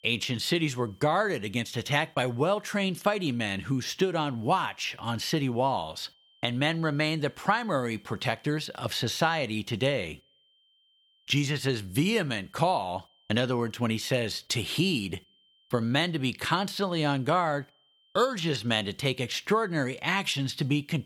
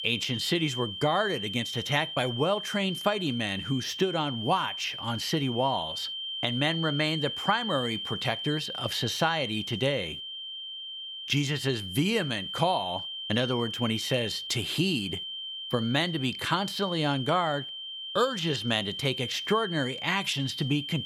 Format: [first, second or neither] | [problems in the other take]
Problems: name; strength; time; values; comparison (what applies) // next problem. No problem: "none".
first | high-pitched whine; loud; throughout; 3 kHz, 5 dB below the speech; faint in the first